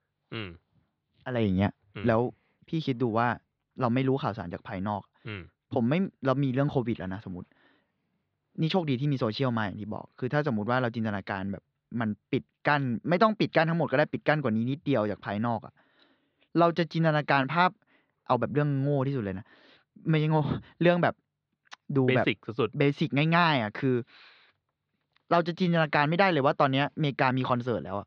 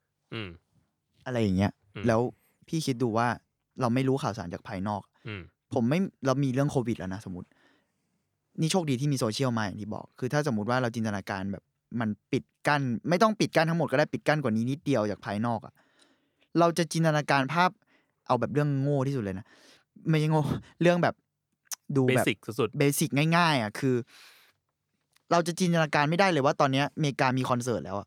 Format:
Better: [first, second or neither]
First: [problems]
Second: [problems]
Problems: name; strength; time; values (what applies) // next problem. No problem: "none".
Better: second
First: muffled; slightly; fading above 4 kHz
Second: none